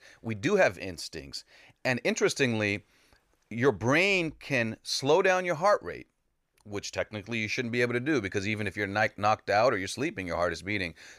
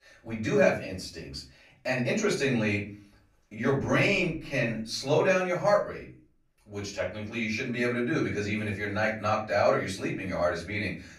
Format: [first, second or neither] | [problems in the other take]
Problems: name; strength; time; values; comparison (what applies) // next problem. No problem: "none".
first | off-mic speech; far // room echo; slight; dies away in 0.4 s